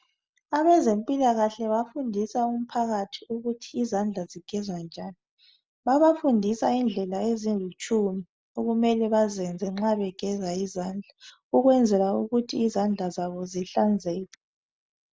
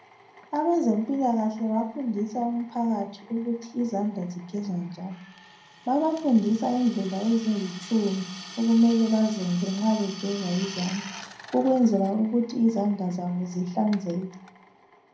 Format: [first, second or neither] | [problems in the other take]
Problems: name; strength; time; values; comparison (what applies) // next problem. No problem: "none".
first | background sound (Drill); 19 dB below the speech // room echo; dies away in 0.6 s